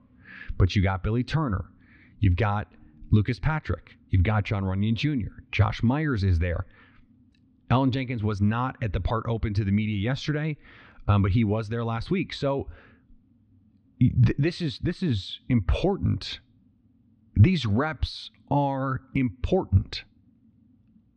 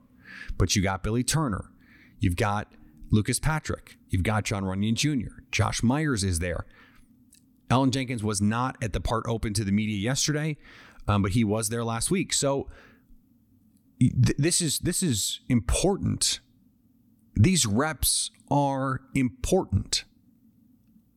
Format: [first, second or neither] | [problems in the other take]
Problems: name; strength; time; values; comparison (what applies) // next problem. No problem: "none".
second | muffled; slightly; fading above 3.5 kHz